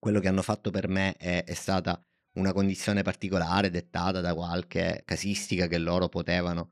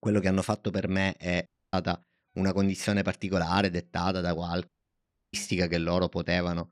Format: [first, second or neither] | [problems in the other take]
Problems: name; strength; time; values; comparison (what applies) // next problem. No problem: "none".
first | audio cutting out; at 1.5 s and at 4.5 s for 0.5 s